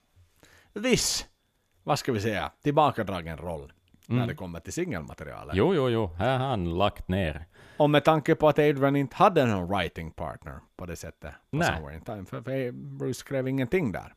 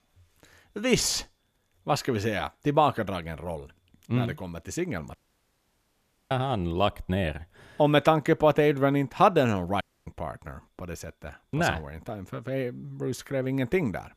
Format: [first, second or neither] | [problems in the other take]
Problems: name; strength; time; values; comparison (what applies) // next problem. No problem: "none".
first | audio cutting out; at 5 s for 1 s and at 10 s